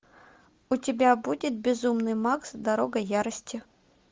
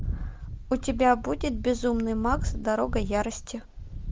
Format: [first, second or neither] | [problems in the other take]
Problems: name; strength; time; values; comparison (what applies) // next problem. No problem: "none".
first | background sound (Wind); 5 dB below the speech